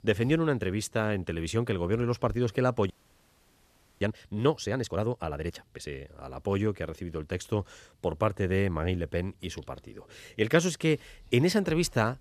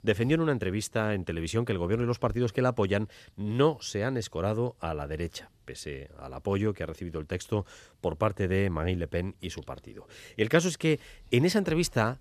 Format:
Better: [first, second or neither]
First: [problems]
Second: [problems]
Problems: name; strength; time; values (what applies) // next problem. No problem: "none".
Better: second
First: audio freezing; at 3 s for 1 s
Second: none